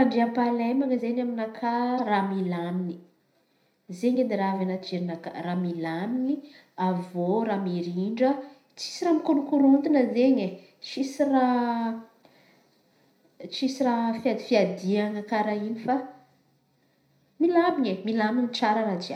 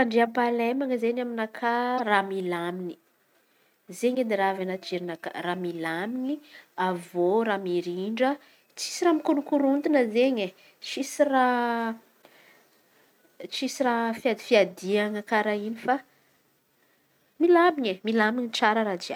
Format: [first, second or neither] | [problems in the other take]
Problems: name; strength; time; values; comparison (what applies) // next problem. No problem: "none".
second | room echo; dies away in 0.4 s